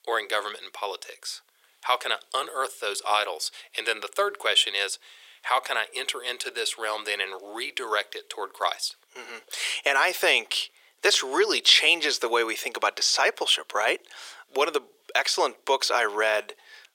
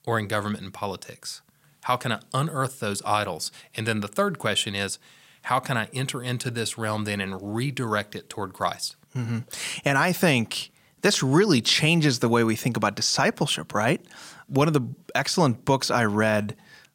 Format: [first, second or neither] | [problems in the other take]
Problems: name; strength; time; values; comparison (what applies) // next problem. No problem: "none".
second | thin; very; fading below 400 Hz